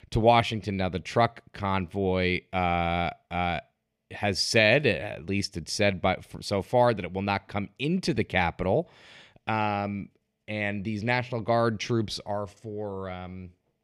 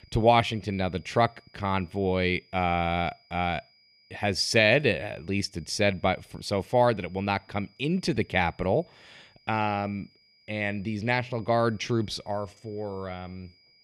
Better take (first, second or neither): first